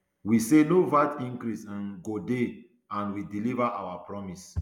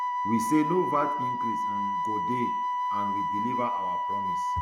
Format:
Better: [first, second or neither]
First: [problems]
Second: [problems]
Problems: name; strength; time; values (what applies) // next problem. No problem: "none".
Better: first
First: none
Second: background sound (Wind instrument, woodwind instrument); 3 dB above the speech